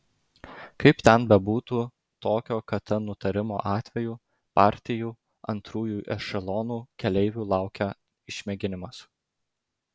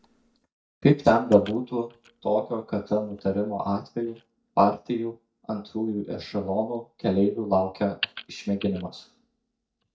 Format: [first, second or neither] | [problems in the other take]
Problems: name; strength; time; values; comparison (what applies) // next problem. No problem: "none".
first | noise reduction (neural mask model DeepFilterNet 3)